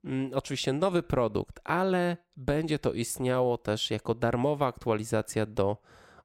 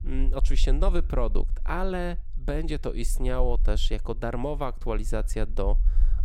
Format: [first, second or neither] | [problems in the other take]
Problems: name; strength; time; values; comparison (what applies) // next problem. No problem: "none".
first | low rumble; faint; throughout; 25 dB below the speech